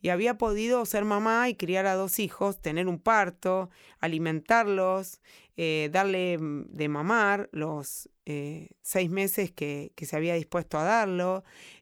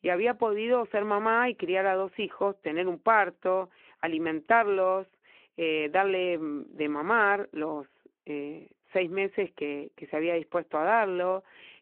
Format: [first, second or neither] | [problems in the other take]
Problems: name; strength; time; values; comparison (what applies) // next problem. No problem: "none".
first | phone-call audio